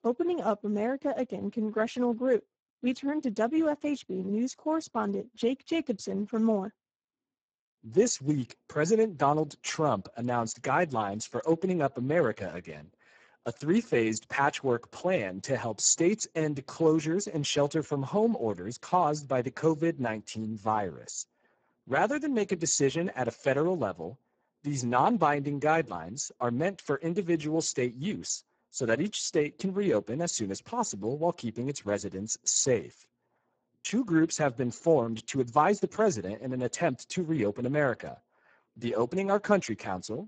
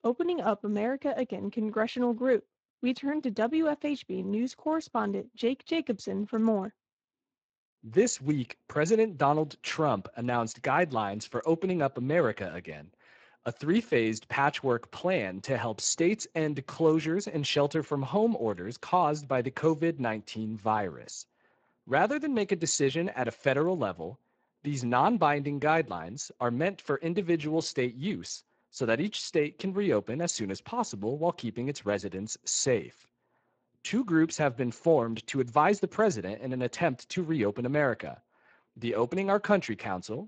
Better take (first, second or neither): second